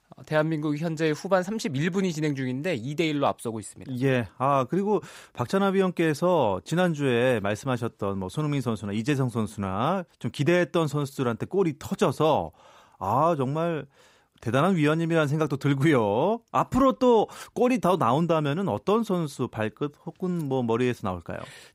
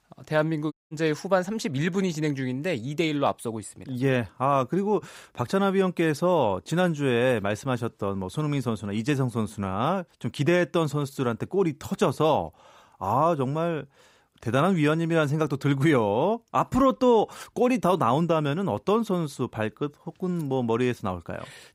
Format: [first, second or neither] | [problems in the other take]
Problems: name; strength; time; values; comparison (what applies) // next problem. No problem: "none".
first | audio cutting out; at 0.5 s